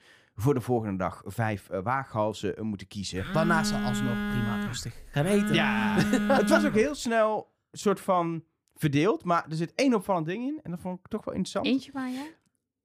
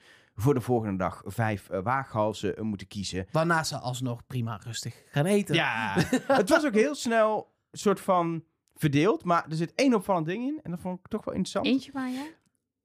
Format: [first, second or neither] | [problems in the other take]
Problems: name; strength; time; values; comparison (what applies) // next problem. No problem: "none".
second | phone ringing; loud; from 3 to 7 s; peak 1 dB above the speech